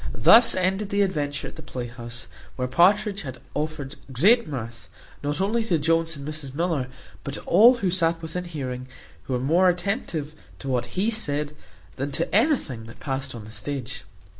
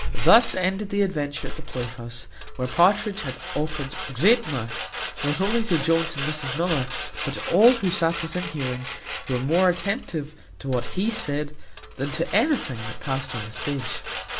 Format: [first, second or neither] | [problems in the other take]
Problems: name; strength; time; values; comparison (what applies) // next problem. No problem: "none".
first | background sound (Sawing); 11 dB below the speech